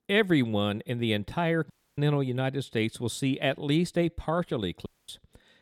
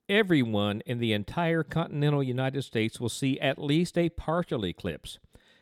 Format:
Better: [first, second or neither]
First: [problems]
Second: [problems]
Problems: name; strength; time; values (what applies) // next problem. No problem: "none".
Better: second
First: audio cutting out; at 1.5 s and at 5 s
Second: none